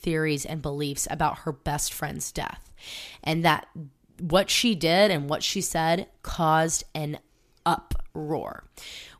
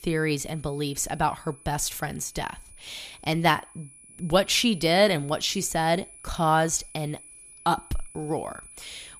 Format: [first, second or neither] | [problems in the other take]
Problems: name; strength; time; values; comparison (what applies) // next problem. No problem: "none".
first | high-pitched whine; faint; throughout; 10 kHz, 20 dB below the speech